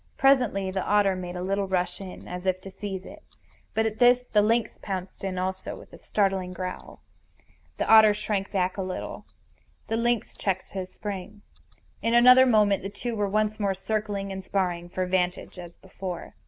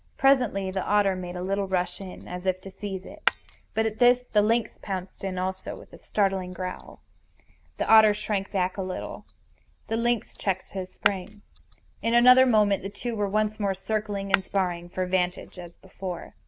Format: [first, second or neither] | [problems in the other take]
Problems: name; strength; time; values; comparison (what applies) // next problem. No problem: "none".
first | background sound (Shatter); 6 dB below the speech